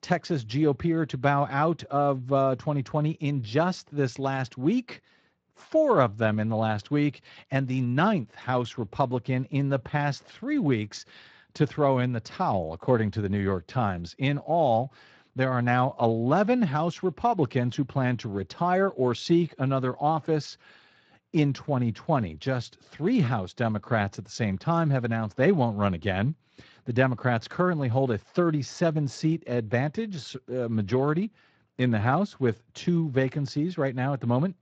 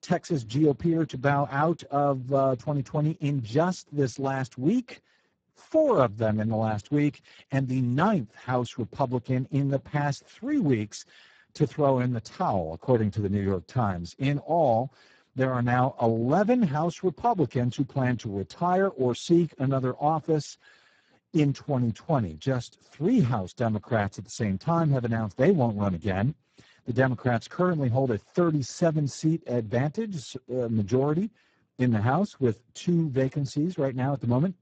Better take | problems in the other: first | garbled, watery; badly; nothing above 7.5 kHz; slightly in the first

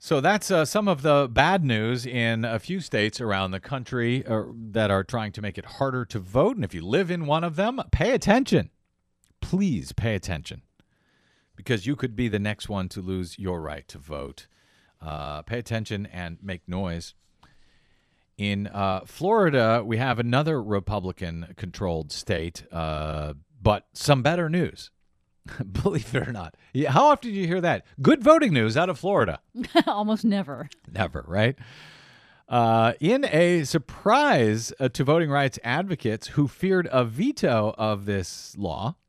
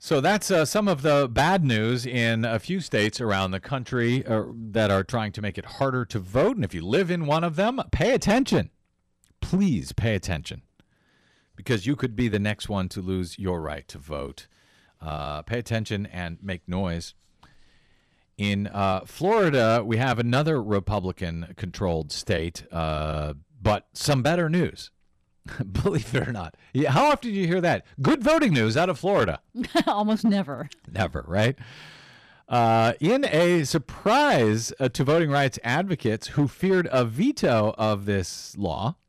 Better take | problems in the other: first | distortion; slight; 5% of the sound clipped

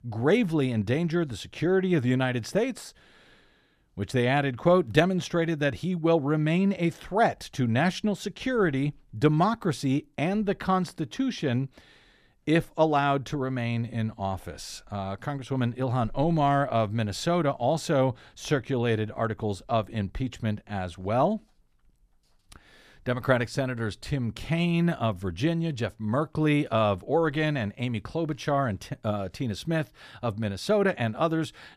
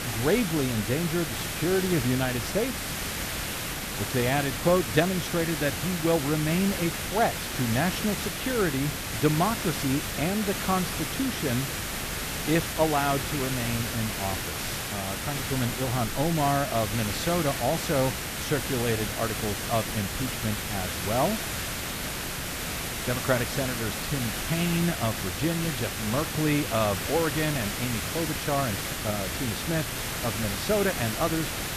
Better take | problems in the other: first | hiss; loud; throughout; 2 dB below the speech

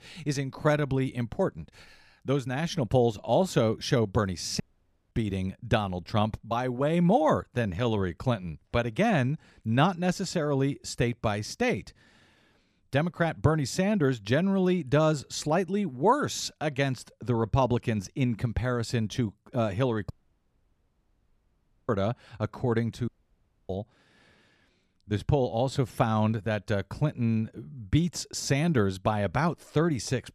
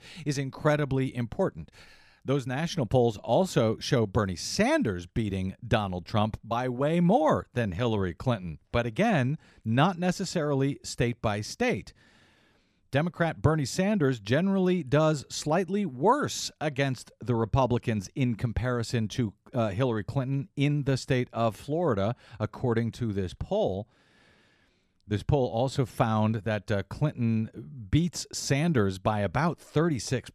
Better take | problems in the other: second | audio cutting out; at 4.5 s for 0.5 s, at 20 s for 2 s and at 23 s for 0.5 s

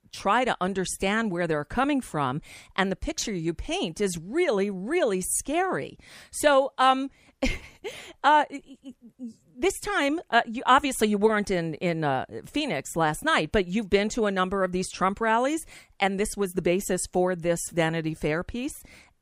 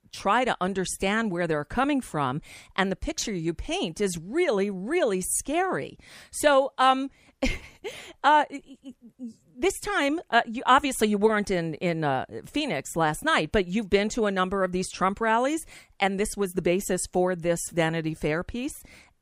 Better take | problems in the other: neither | none

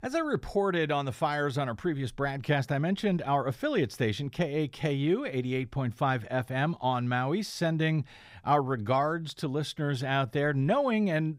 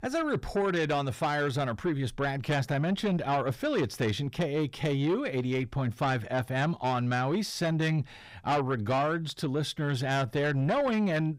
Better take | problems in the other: first | distortion; slight; 10 dB below the speech

